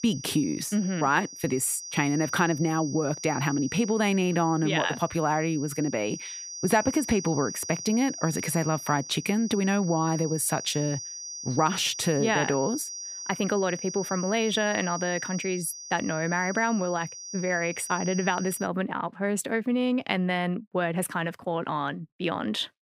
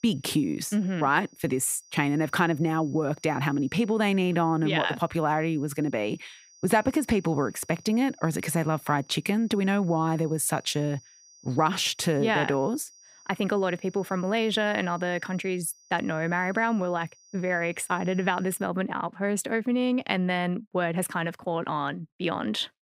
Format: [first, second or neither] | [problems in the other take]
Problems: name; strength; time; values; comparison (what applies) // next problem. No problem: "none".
second | high-pitched whine; loud; until 19 s; 6 kHz, 9 dB below the speech; faint in the second